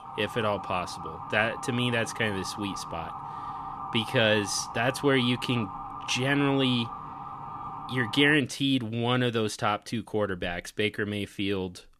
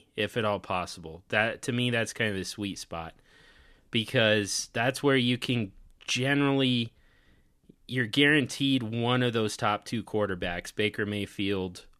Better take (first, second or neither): second